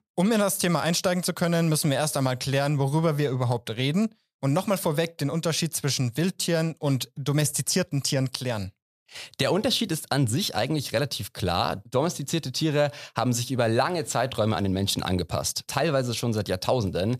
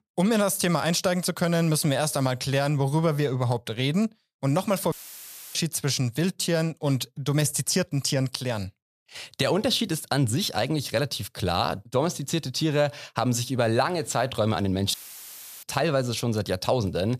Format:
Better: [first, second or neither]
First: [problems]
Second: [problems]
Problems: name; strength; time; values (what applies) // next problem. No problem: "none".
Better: first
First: none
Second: audio cutting out; filled with static; at 5 s for 0.5 s and at 15 s for 0.5 s